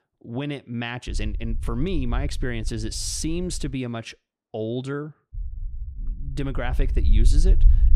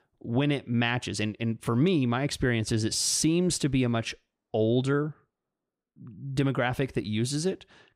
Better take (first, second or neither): second